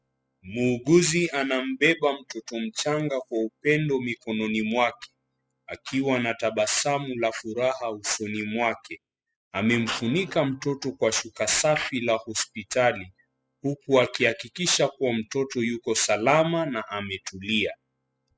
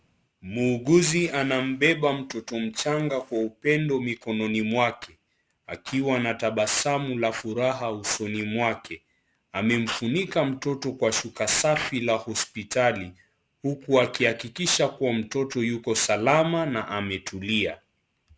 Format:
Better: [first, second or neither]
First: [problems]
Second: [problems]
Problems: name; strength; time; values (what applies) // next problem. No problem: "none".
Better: second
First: noise reduction (classical method spectral subtraction)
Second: none